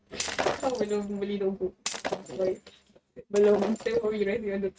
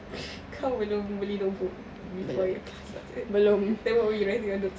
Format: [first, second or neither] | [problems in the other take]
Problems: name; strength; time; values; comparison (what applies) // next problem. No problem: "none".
second | noise reduction (neural mask model RNNoise)